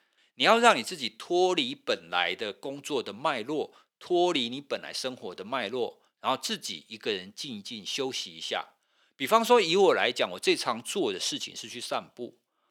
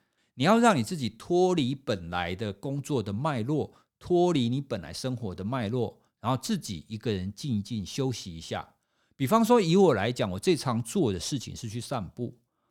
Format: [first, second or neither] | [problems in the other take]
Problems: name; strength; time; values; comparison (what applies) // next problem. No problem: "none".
second | thin; somewhat; fading below 400 Hz